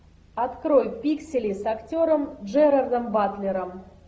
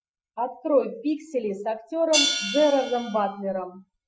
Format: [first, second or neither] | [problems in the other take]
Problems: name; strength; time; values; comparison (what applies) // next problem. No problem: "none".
first | noise reduction (classical method Wiener filter)